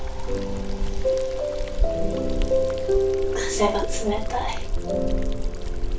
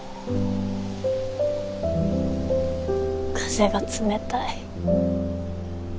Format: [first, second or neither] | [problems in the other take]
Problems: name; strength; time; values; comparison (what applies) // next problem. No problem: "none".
second | background sound (Liquid); as loud as the speech // room echo; dies away in 0.3 s